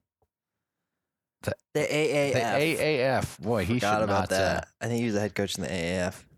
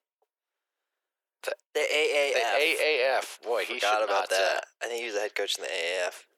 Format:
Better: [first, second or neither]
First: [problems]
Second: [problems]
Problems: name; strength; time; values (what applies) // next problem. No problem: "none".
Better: first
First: none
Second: thin; very; fading below 400 Hz